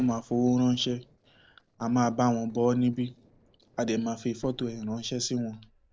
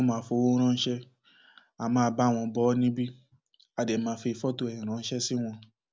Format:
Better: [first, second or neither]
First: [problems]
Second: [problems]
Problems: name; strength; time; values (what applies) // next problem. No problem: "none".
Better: second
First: noise reduction (neural separator model SepFormer DNS4)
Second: none